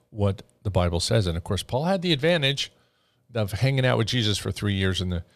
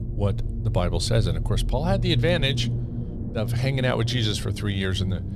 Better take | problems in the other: first | low rumble; noticeable; throughout; 10 dB below the speech

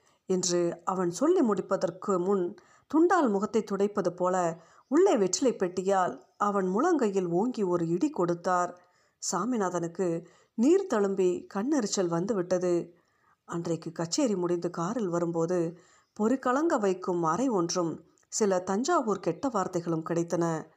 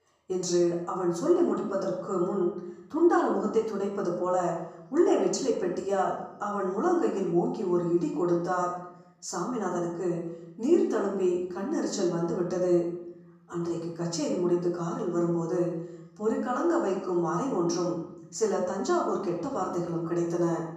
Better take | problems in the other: first | off-mic speech; far // room echo; noticeable; dies away in 0.8 s

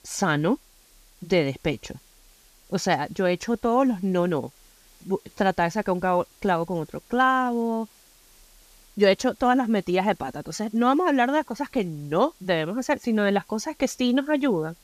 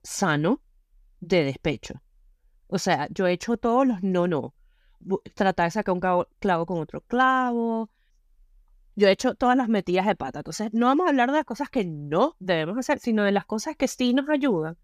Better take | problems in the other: second | hiss; faint; throughout; 30 dB below the speech

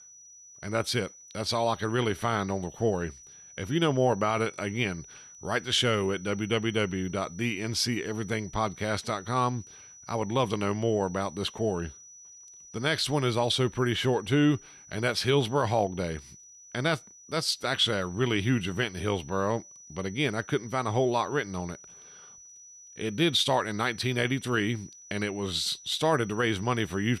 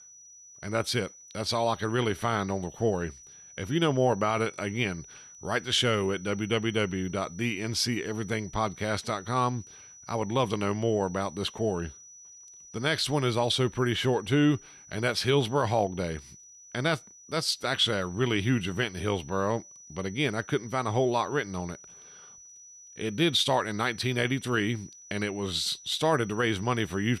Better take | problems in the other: neither | high-pitched whine; noticeable; throughout; 6 kHz, 20 dB below the speech; the same in both

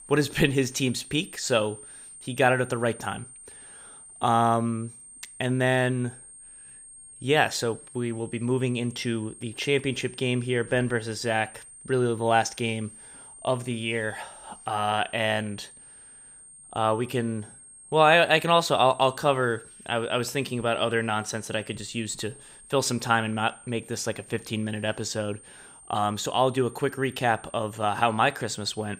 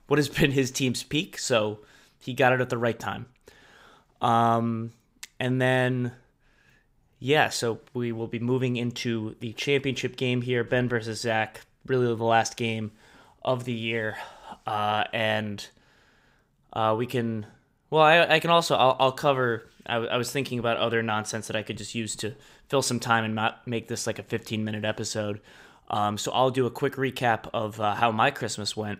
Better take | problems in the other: second | high-pitched whine; noticeable; throughout; 8.5 kHz, 20 dB below the speech

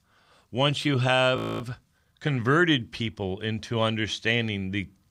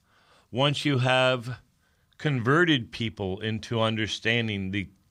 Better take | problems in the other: second | audio freezing; at 1.5 s

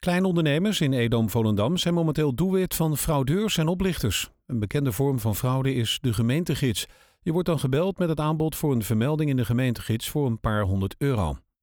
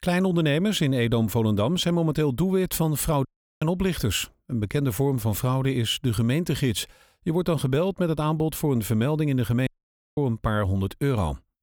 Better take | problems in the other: first | audio cutting out; at 3.5 s and at 9.5 s for 0.5 s

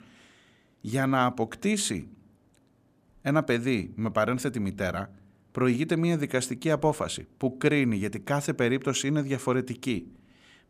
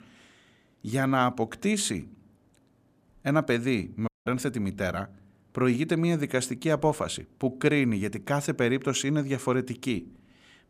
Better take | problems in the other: first | audio cutting out; at 4 s

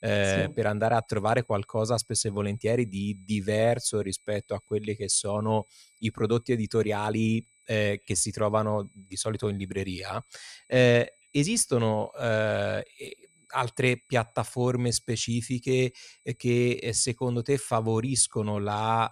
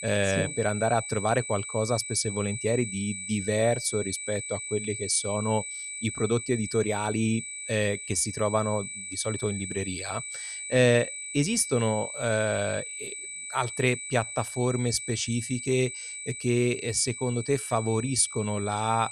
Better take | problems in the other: first | high-pitched whine; loud; throughout; 8 kHz, 7 dB below the speech; faint in the first

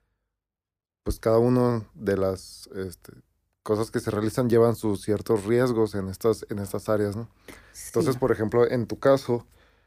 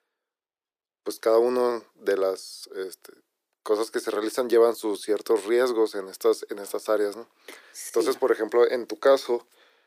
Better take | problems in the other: first | thin; somewhat; fading below 350 Hz

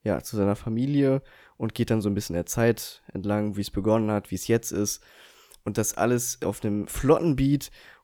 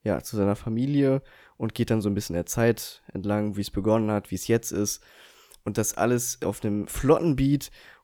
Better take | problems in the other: neither | none

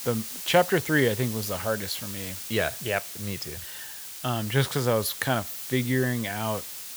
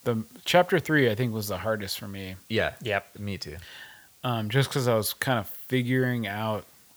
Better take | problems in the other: second | hiss; loud; throughout; 8 dB below the speech; faint in the second

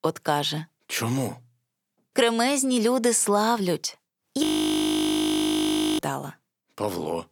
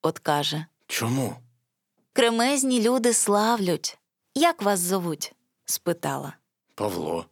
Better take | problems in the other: second | audio freezing; at 4.5 s for 1.5 s

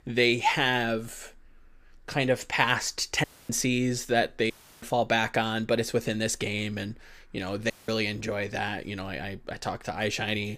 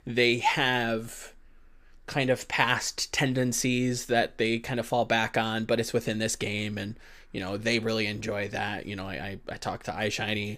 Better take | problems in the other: second | audio cutting out; at 3 s, at 4.5 s and at 7.5 s

